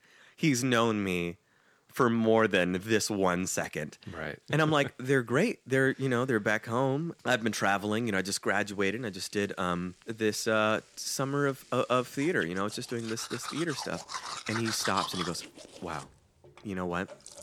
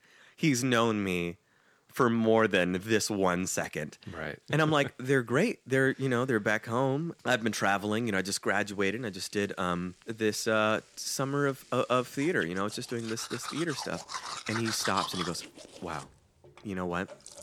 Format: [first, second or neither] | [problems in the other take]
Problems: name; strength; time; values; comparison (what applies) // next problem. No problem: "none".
neither | household noises; noticeable; throughout; 10 dB below the speech; the same in both